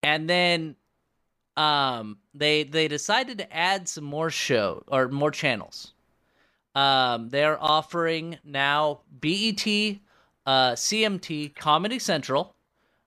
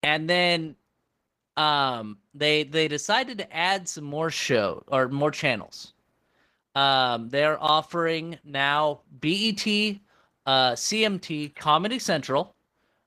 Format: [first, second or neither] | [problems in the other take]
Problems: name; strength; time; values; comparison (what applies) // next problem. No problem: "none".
first | garbled, watery; slightly; nothing above 15 kHz